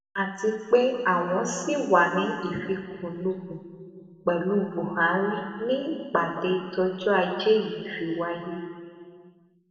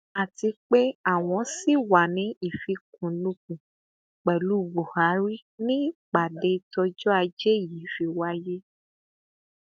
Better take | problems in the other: second | room echo; dies away in 2.2 s

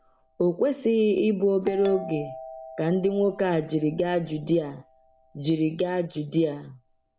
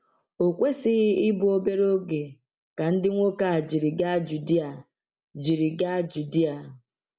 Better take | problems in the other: second | background sound (Doorbell); 18 dB below the speech

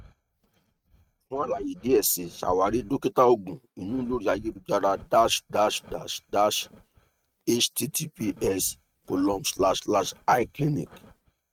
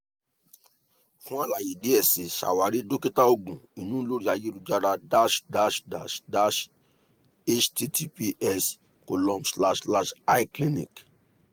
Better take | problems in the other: second | noise reduction (neural mask model RNNoise)

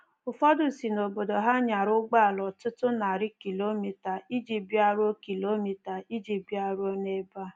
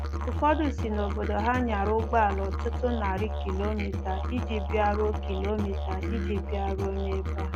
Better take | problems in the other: first | background sound (Musical instrument); as loud as the speech

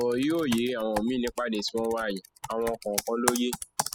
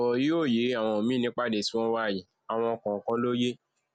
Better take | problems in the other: second | noise reduction (classical method spectral subtraction)

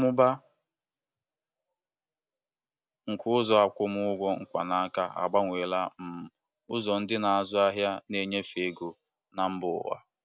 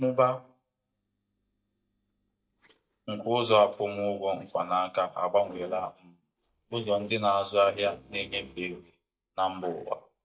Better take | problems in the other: first | noise reduction (neural mask model DeepFilterNet 3)

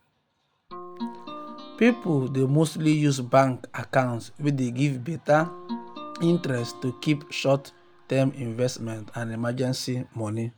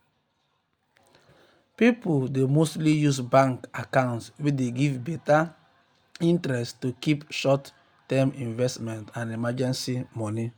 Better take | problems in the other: second | background sound (Guitar); 16 dB below the speech

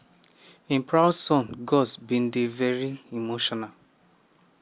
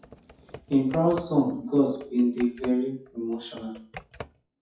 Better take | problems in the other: first | noise reduction (classical method WPE with log-MMSE)

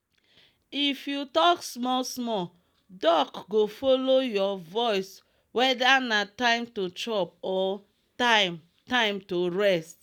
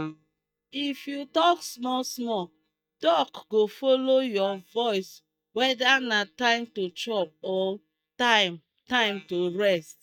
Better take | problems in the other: first | noise reduction (neural mask model DeepFilterNet 3)

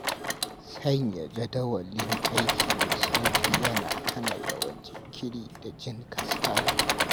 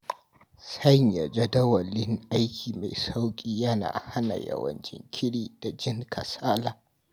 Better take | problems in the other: second | background sound (Engine / Mechanisms); 4 dB above the speech

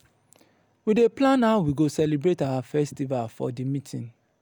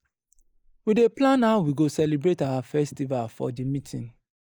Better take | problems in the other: first | noise reduction (neural mask model Resemble Enhance denoiser)

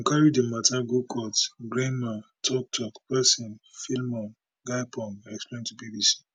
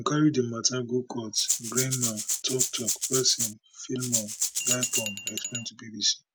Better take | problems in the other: first | background sound (Rattle (instrument) + Glass); as loud as the speech

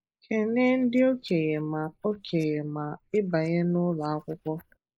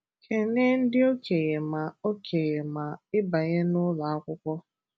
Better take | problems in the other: second | noise reduction (neural mask model Resemble Enhance denoiser)

